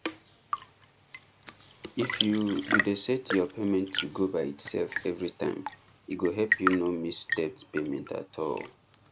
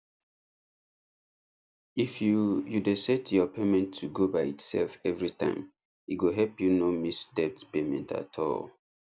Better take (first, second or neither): second